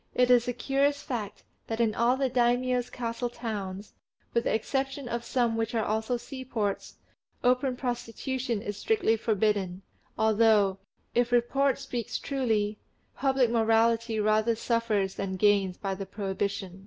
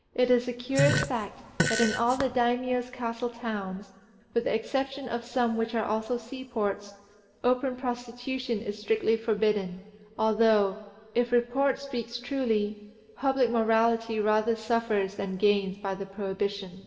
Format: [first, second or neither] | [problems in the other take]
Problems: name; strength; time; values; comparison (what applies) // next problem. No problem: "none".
first | background sound (Fart); 2 dB below the speech // room echo; dies away in 2.9 s